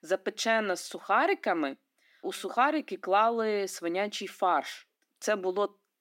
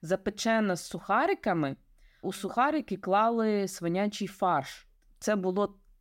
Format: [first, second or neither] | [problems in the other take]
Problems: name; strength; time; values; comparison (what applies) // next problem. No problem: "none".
second | thin; somewhat; fading below 250 Hz